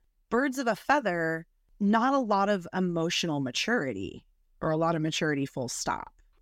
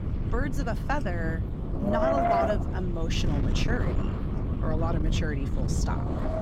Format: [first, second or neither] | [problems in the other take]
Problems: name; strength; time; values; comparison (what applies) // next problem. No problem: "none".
first | wind noise on the microphone; heavy; 1 dB above the speech